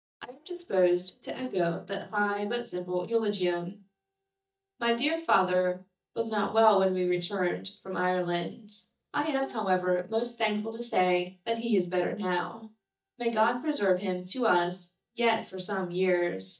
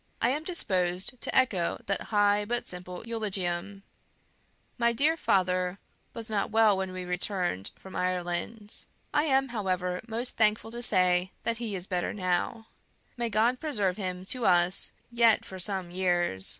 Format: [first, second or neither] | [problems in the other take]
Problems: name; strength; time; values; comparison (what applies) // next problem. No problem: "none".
second | noise reduction (neural mask model DeepFilterNet 3)